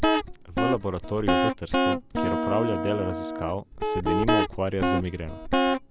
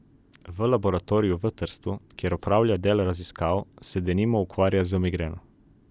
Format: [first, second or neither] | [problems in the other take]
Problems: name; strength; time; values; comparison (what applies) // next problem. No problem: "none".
second | background sound (Guitar); 4 dB above the speech